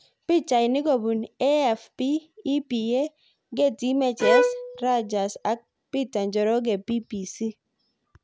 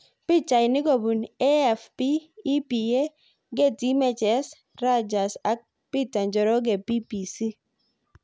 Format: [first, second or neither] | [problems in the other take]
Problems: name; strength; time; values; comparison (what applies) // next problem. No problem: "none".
second | background sound (Bowed string instrument); 1 dB below the speech